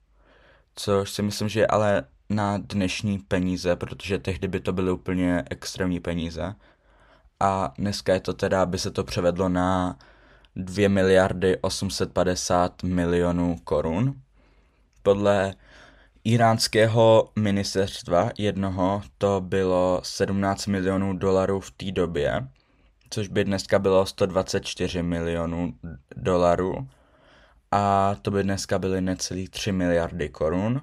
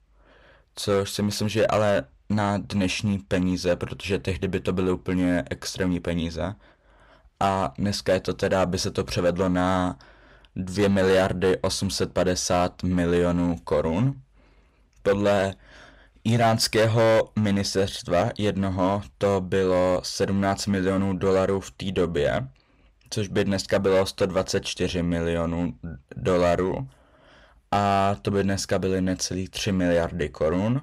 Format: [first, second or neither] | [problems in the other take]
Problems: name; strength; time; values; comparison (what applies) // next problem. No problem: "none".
first | distortion; slight; 5% of the sound clipped